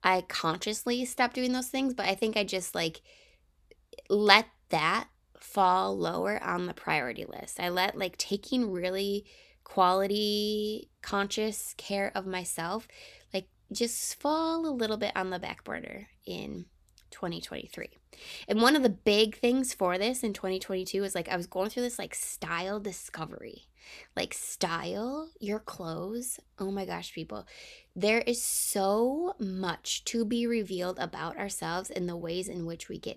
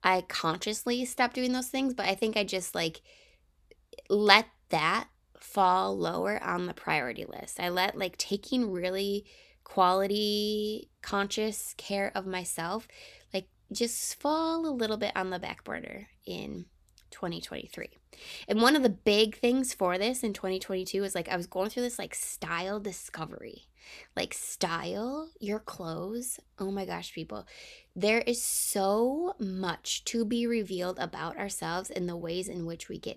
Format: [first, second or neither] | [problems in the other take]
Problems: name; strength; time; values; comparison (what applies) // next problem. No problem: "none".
neither | none